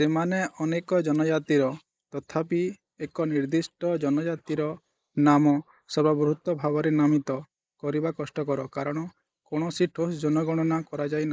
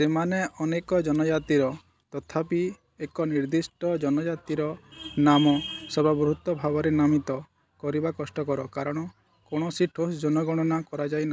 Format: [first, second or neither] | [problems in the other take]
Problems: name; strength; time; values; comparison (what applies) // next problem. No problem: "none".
second | noise reduction (neural mask model Resemble Enhance denoiser)